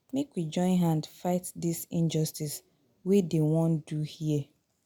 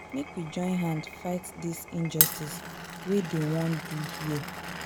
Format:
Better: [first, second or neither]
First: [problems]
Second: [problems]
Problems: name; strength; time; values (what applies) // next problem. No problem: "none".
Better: first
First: none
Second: background sound (Glass); 3 dB below the speech